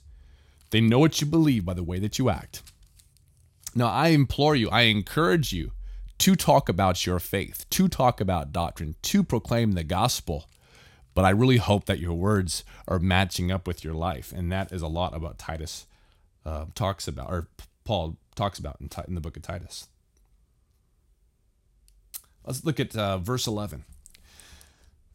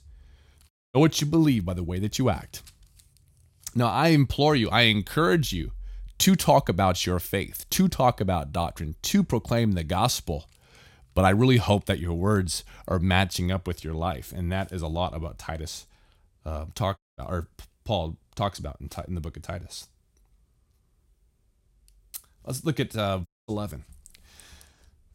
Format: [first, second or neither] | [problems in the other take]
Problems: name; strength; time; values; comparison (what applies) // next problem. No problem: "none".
first | audio cutting out; at 0.5 s, at 17 s and at 23 s